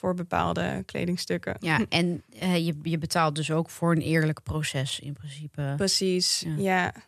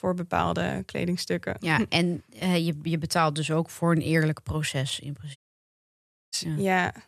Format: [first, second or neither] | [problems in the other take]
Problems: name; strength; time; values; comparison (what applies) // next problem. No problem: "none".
first | audio cutting out; at 5.5 s for 1 s